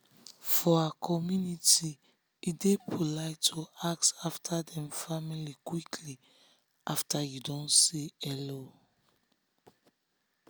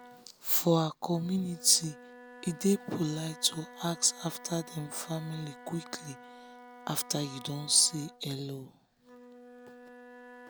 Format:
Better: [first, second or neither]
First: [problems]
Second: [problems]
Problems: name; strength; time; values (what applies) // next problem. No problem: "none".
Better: first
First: none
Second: background sound (Wind instrument, woodwind instrument); 18 dB below the speech